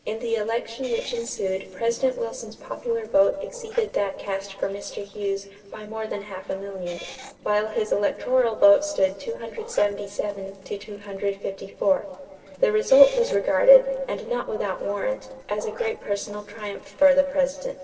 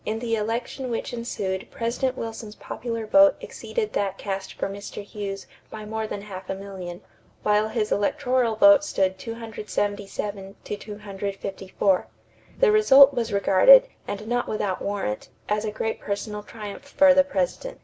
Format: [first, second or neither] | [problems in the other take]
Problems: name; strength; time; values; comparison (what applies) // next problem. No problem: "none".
second | noise reduction (neural separator model SepFormer DNS4)